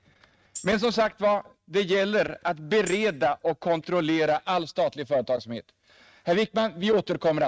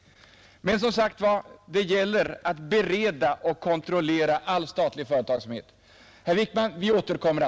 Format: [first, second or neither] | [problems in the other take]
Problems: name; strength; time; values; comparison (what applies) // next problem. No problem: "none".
second | noise reduction (neural mask model RNNoise)